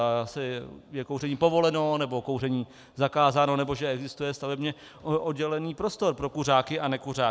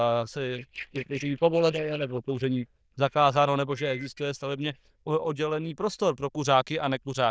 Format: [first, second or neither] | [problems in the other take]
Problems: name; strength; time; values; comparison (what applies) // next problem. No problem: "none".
first | noise reduction (neural diffusion model UNIVERSE++)